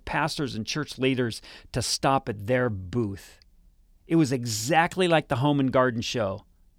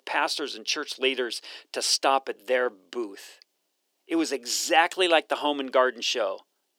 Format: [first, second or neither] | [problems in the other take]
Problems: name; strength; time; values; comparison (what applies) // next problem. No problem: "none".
first | thin; somewhat; fading below 350 Hz